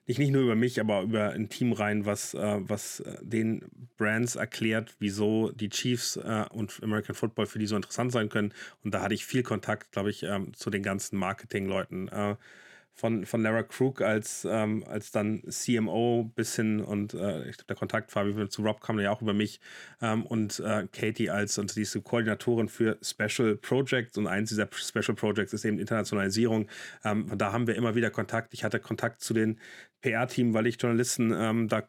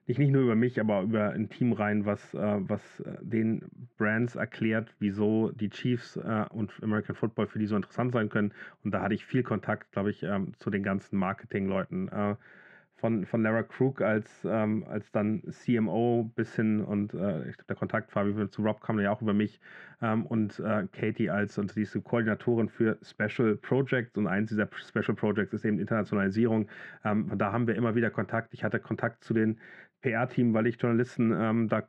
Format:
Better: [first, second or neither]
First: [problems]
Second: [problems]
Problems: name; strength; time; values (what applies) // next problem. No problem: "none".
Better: first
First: none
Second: muffled; very; fading above 1.5 kHz